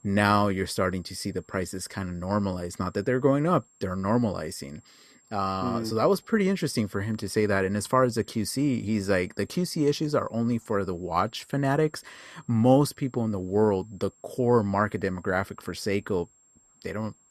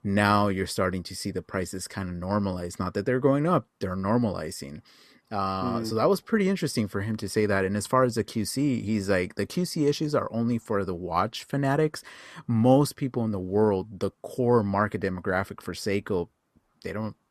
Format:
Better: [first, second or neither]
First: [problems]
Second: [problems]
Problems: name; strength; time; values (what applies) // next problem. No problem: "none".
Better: second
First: high-pitched whine; faint; throughout; 7.5 kHz, 30 dB below the speech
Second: none